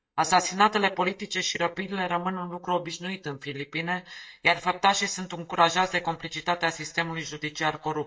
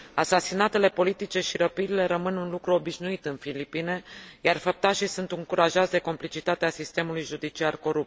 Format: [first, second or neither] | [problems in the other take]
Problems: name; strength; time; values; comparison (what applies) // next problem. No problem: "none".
second | noise reduction (neural mask model DeepFilterNet 3)